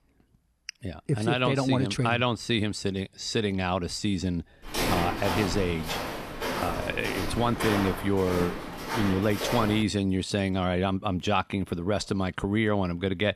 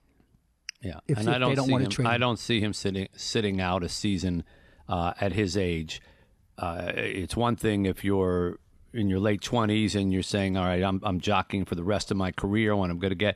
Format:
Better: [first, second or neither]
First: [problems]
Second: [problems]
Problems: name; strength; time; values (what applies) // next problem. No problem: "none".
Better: second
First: footsteps; loud; from 4.5 to 10 s; peak level with the speech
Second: none